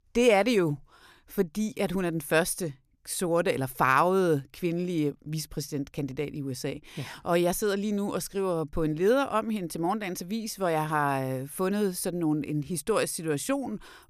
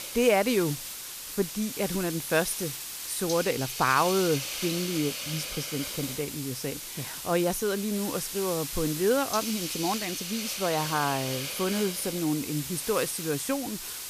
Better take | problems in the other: first | hiss; loud; throughout; 4 dB below the speech

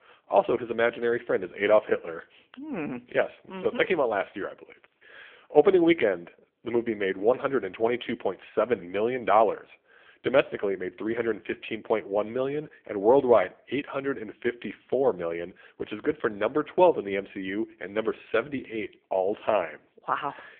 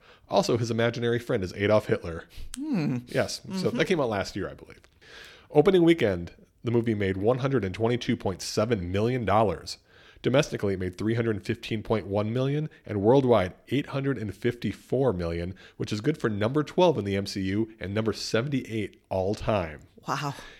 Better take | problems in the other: second | phone-call audio; poor line

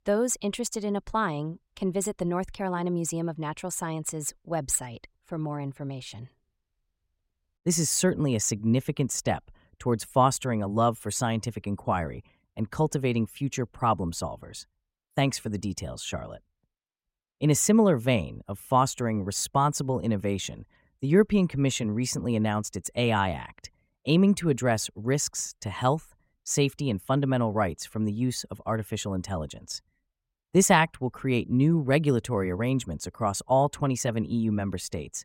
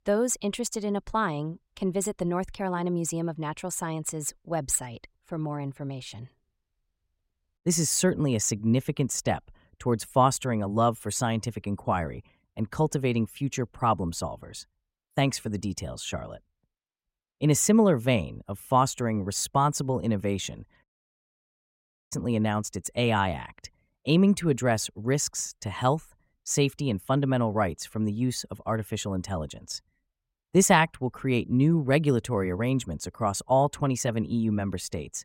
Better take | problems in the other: first | audio cutting out; at 21 s for 1.5 s

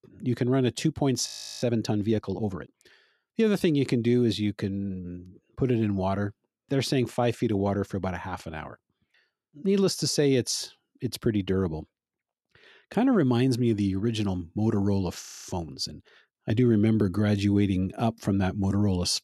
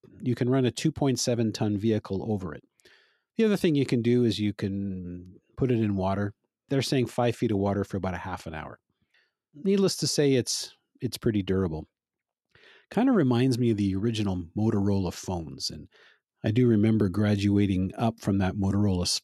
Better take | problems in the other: second | audio freezing; at 1.5 s and at 15 s

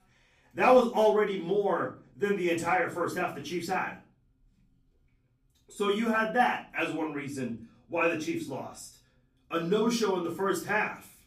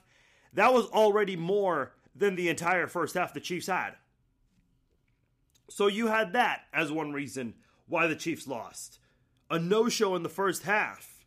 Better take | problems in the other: second | off-mic speech; far // room echo; slight; dies away in 0.3 s

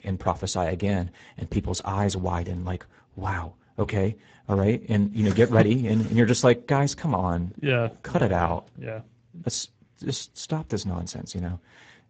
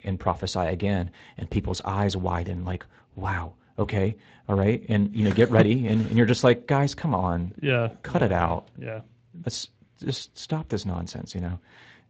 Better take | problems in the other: second | garbled, watery; badly; nothing above 8 kHz; slightly in the second

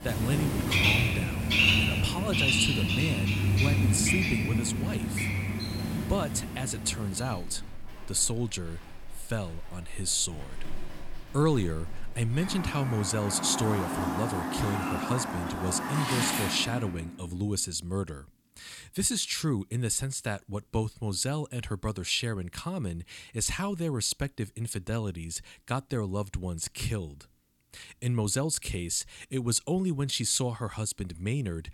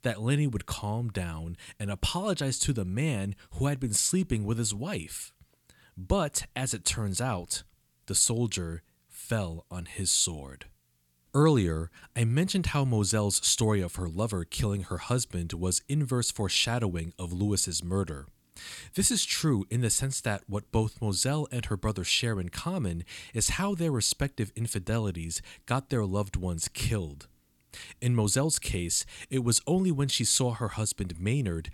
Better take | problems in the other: second | animal sounds; very loud; until 16 s; 3 dB above the speech

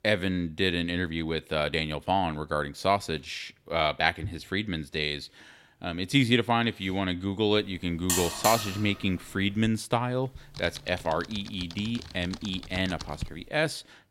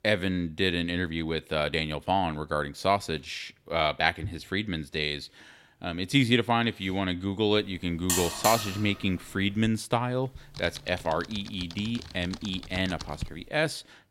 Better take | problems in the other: neither | alarm; loud; from 8 to 9.5 s; peak 2 dB above the speech; the same in both // keyboard typing; faint; from 10 to 13 s; peak 10 dB below the speech; the same in both

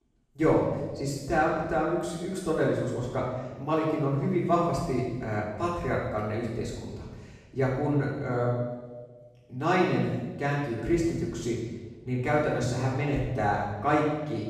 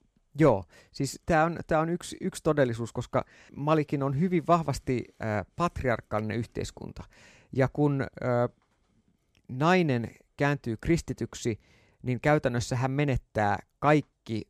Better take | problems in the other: second | off-mic speech; far // room echo; strong; dies away in 1.1 s

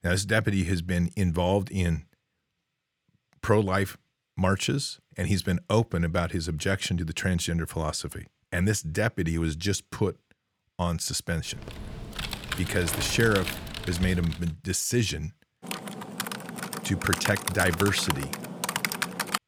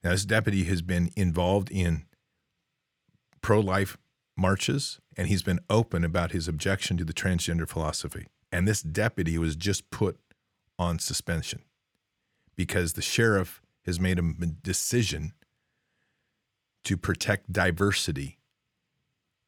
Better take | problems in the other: second | keyboard typing; noticeable; from 12 to 14 s and from 16 s on; peak level with the speech

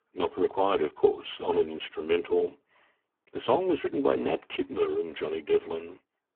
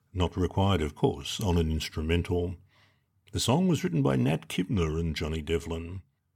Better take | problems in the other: second | phone-call audio; poor line

